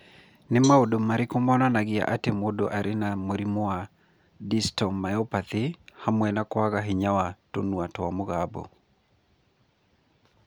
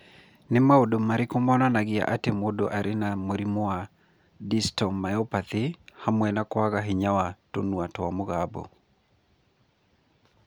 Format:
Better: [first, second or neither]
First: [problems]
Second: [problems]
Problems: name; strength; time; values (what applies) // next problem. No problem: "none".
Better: second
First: background sound (Cowbell); 17 dB below the speech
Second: none